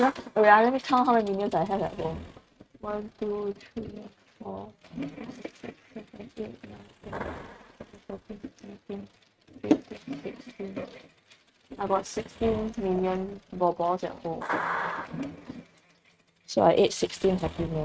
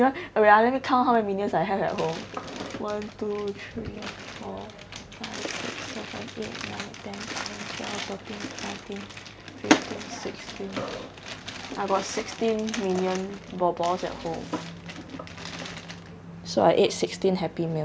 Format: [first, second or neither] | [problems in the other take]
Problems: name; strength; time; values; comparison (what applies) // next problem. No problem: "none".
second | noise reduction (neural mask model RNNoise)